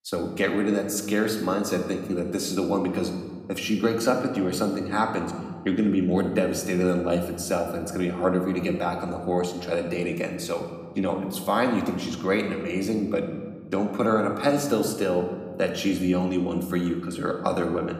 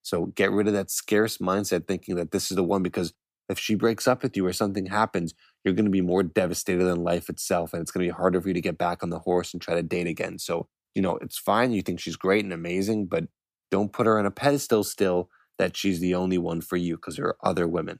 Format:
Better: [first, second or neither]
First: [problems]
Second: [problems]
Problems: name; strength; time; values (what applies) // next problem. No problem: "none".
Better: second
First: room echo; slight; dies away in 1.3 s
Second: none